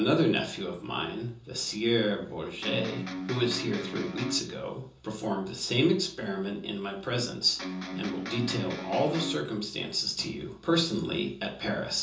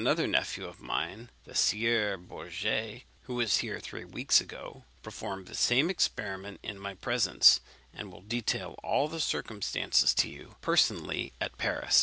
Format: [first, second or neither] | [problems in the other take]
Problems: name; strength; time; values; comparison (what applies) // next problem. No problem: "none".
second | background sound (Electric guitar); 6 dB below the speech // room echo; dies away in 0.6 s